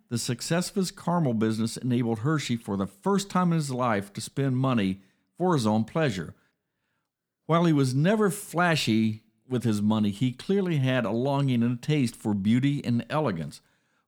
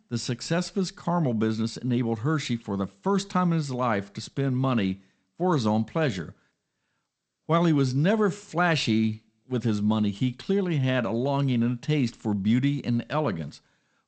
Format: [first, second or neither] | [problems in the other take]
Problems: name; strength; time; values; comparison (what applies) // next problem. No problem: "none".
first | garbled, watery; slightly; nothing above 8 kHz